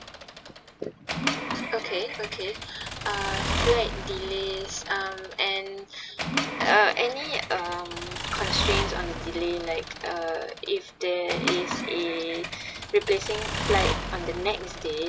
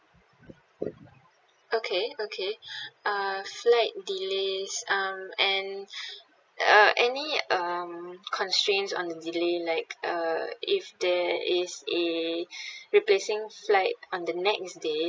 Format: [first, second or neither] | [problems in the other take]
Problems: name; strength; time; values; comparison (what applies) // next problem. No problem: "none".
second | background sound (Accelerating, revving, vroom / Mechanisms); 3 dB below the speech